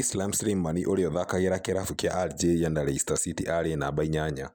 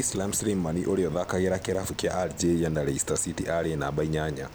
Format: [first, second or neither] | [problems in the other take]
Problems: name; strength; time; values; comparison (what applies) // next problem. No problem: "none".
first | background sound (Rain); 18 dB below the speech